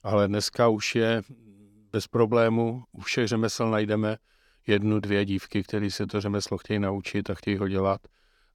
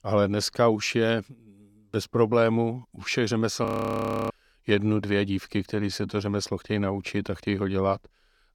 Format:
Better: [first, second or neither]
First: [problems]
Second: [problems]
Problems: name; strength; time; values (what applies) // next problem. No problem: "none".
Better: first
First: none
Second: audio freezing; at 3.5 s for 0.5 s